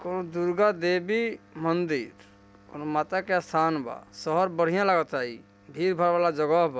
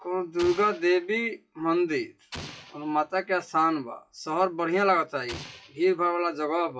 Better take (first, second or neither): first